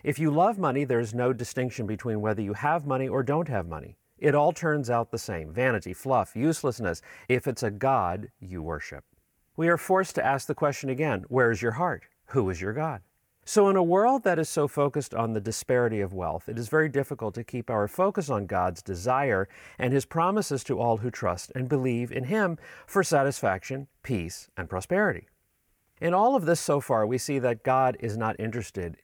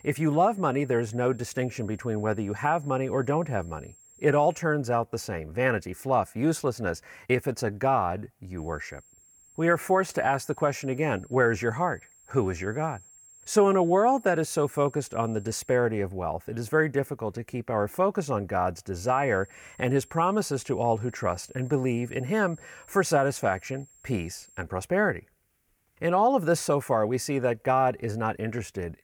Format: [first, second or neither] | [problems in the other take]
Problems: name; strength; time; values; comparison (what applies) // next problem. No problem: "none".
first | high-pitched whine; faint; until 4.5 s, from 8.5 to 16 s and from 19 to 25 s; 7.5 kHz, 25 dB below the speech